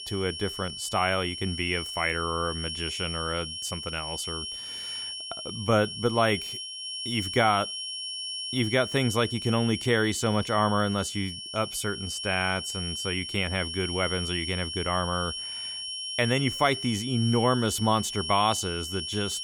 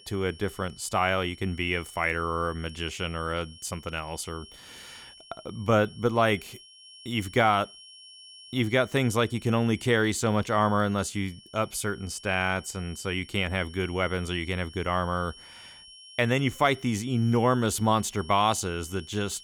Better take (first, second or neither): second